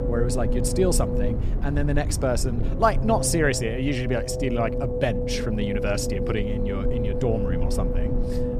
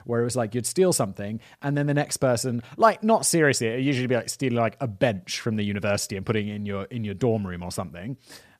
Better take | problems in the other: second | low rumble; loud; throughout; 5 dB below the speech

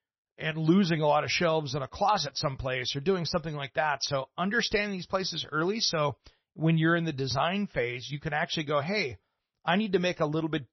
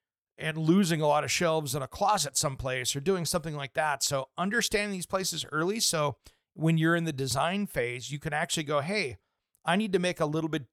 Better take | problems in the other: second | garbled, watery; slightly; nothing above 6 kHz

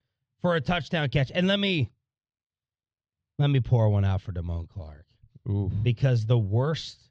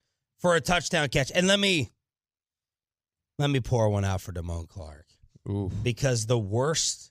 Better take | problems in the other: second | muffled; slightly; fading above 4 kHz

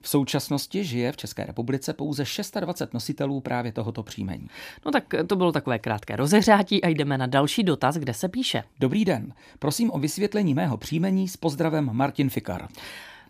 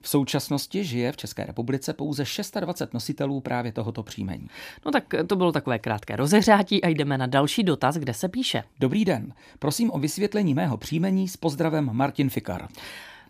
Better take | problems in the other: neither | none

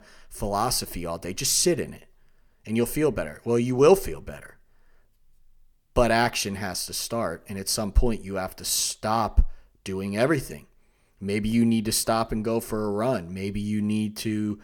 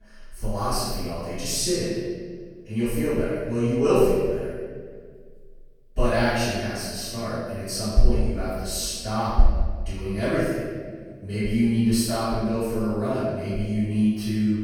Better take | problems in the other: first | off-mic speech; far // room echo; strong; dies away in 1.5 s

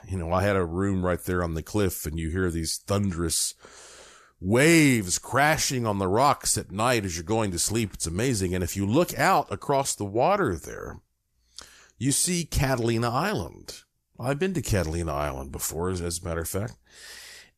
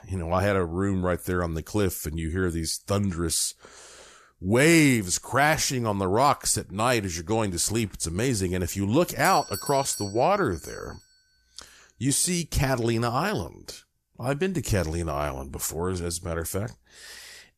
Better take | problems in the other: first | doorbell; noticeable; from 9 to 11 s; peak 7 dB below the speech

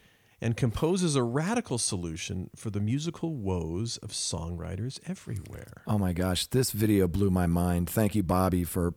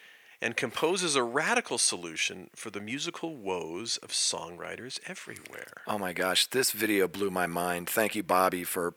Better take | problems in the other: first | thin; very; fading below 450 Hz

